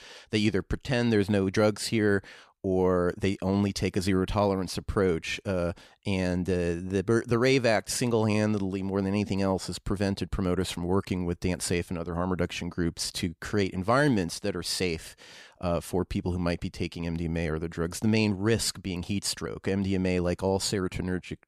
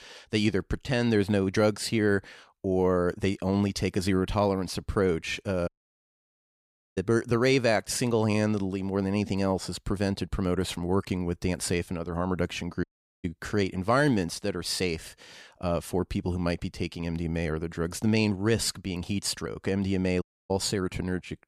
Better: first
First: none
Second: audio cutting out; at 5.5 s for 1.5 s, at 13 s and at 20 s

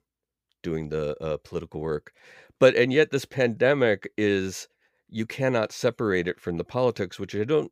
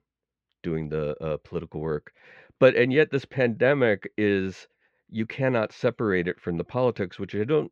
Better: first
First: none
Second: muffled; slightly; fading above 2.5 kHz

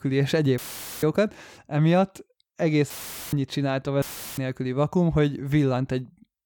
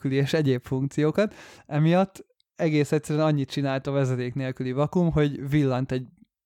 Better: second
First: audio cutting out; filled with static; at 0.5 s, at 3 s and at 4 s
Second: none

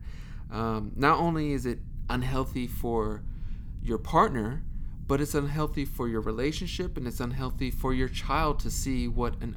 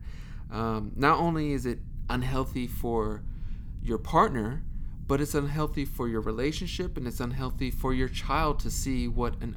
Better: neither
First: low rumble; faint; throughout; 25 dB below the speech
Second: low rumble; faint; throughout; 25 dB below the speech

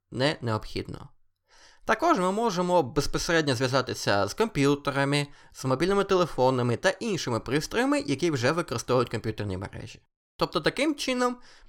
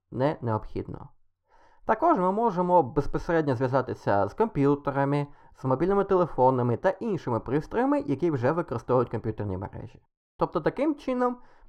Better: first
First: none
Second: muffled; very; fading above 2 kHz

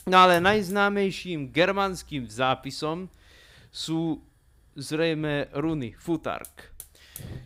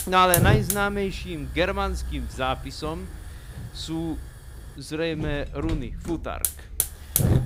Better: first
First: hiss; faint; throughout; 20 dB below the speech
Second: hiss; loud; throughout; 1 dB below the speech

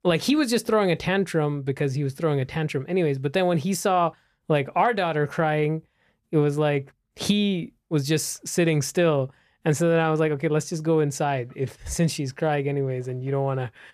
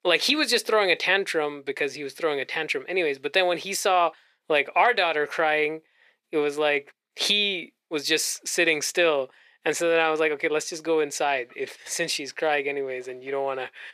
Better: first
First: none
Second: thin; very; fading below 400 Hz

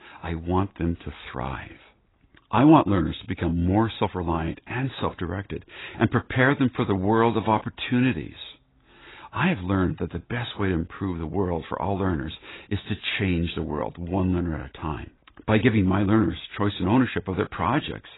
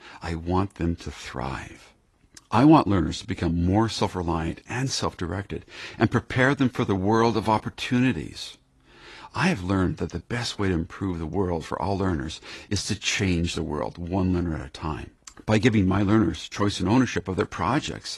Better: second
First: garbled, watery; badly; nothing above 4 kHz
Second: garbled, watery; slightly; nothing above 11.5 kHz

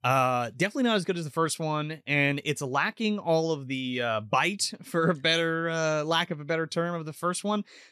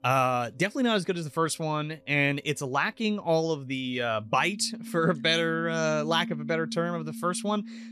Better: first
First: none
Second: background music; noticeable; throughout; 10 dB below the speech

